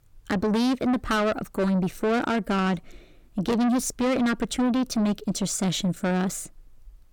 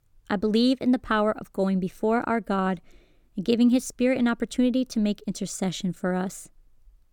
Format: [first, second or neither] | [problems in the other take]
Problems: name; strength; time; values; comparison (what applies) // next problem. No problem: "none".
second | distortion; heavy; 7 dB below the speech